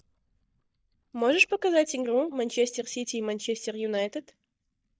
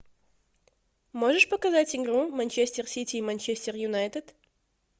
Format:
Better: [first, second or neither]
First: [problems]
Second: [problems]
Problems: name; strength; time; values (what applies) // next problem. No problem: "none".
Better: second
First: noise reduction (neural mask model DeepFilterNet 3)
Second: none